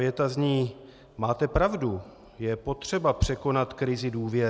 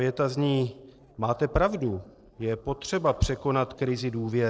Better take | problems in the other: first | noise reduction (neural separator model SepFormer DNS4)

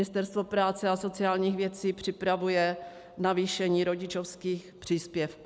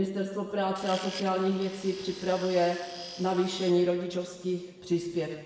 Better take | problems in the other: first | background sound (Tools); 15 dB below the speech // room echo; dies away in 1.1 s

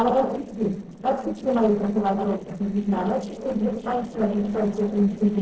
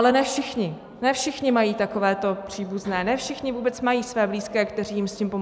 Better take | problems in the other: second | noise reduction (neural separator model SepFormer DNS4)

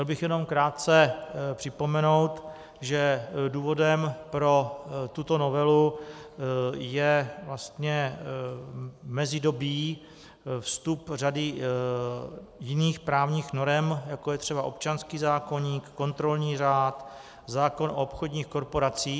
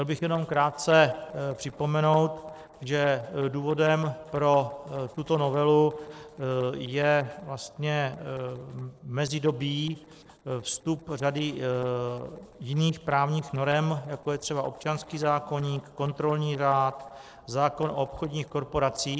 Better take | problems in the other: first | noise reduction (neural separator model SepFormer DNS4)

